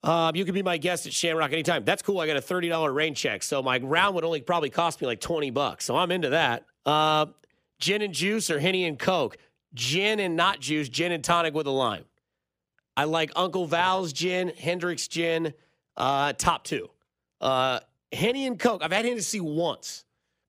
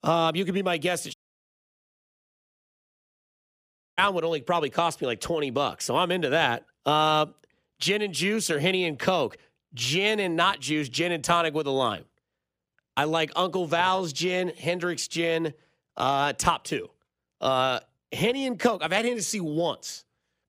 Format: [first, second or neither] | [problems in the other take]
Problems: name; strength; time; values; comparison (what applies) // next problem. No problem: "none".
first | audio cutting out; at 1 s for 3 s